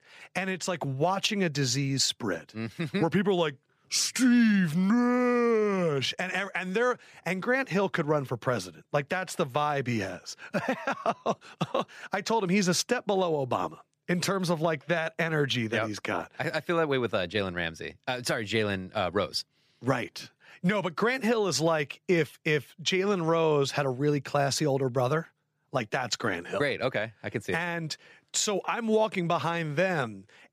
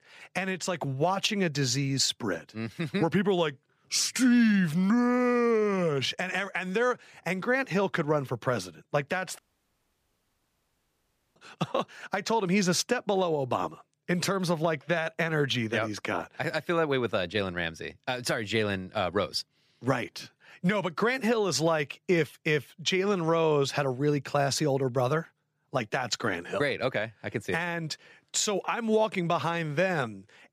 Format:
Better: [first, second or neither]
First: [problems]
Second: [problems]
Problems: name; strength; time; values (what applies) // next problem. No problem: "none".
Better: first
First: none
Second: audio cutting out; at 9.5 s for 2 s